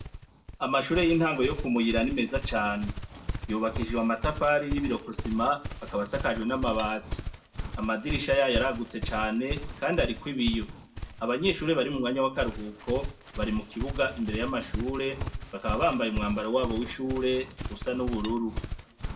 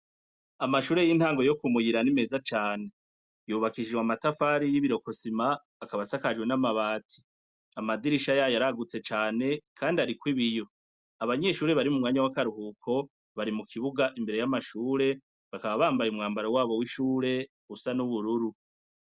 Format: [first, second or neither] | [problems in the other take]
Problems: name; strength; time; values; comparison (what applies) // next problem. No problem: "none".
second | background sound (Livestock, farm animals, working animals); 7 dB below the speech // room echo; dies away in 0.4 s